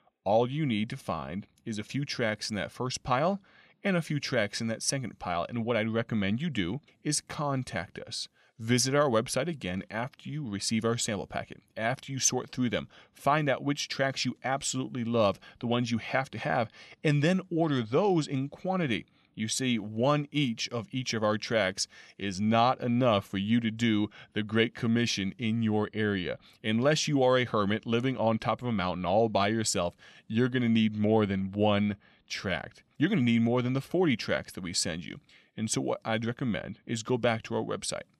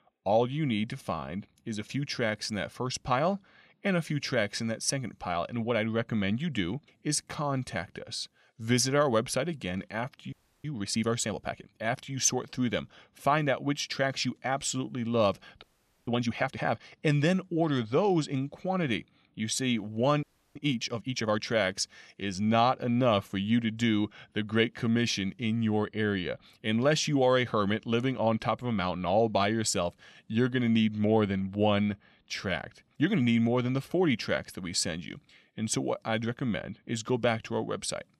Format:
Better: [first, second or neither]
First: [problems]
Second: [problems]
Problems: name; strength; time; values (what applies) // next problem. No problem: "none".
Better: first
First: none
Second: audio freezing; at 10 s, at 16 s and at 20 s